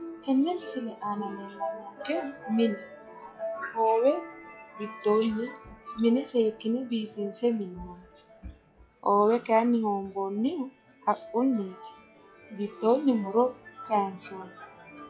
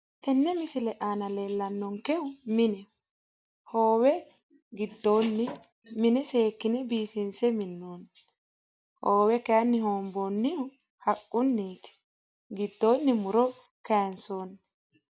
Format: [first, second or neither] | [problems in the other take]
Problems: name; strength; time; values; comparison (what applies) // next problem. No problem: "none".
second | noise reduction (classical method log-MMSE)